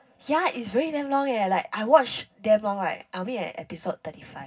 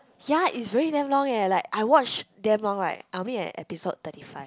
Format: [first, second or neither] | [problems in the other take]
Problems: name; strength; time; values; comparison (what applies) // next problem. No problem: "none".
second | room echo; dies away in 0.4 s